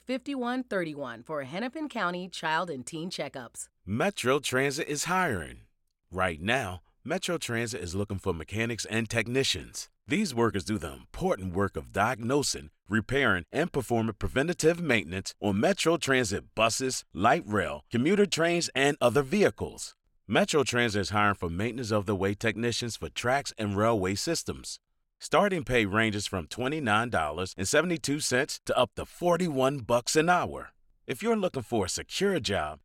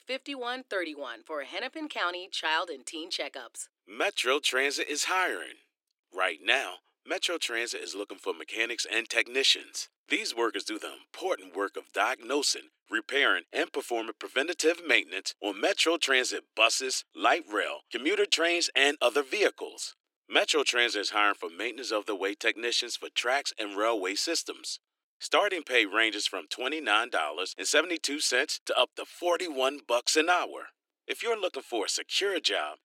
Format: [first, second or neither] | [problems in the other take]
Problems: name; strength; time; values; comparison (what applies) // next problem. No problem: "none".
first | thin; somewhat; fading below 300 Hz